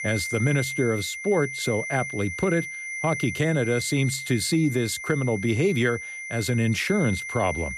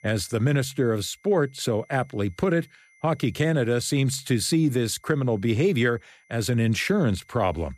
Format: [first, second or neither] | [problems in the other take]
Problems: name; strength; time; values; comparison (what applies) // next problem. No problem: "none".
second | high-pitched whine; loud; throughout; 2 kHz, 7 dB below the speech; faint in the second